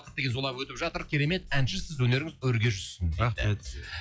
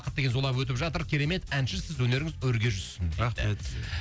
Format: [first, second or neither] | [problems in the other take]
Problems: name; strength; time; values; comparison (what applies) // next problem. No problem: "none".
second | noise reduction (classical method log-MMSE)